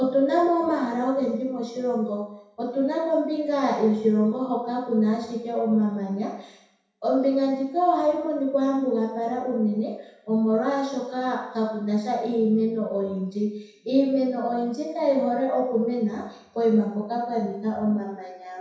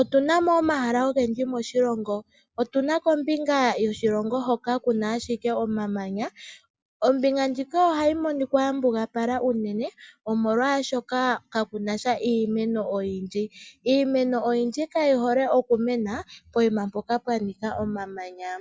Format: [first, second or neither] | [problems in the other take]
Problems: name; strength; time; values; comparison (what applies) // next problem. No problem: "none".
second | room echo; dies away in 0.7 s